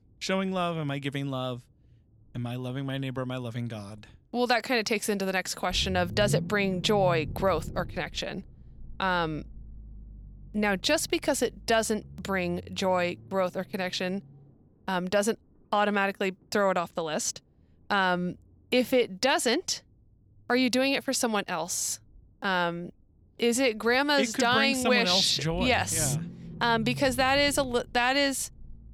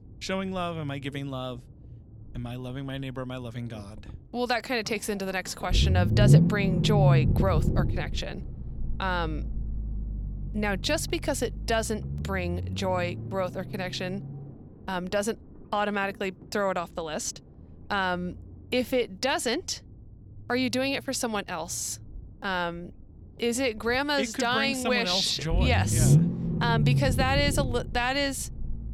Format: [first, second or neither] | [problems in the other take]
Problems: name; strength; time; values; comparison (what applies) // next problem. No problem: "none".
first | low rumble; loud; throughout; 9 dB below the speech; faint in the first